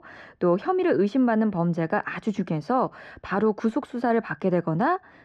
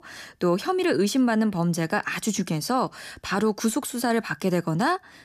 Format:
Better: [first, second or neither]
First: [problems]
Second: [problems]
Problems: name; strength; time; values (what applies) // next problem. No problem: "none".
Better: second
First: muffled; very; fading above 2 kHz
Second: none